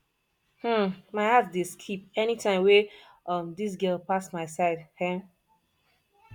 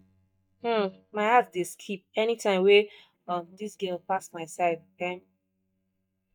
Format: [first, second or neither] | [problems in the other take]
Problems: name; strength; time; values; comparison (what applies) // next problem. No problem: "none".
first | noise reduction (neural mask model DeepFilterNet 3)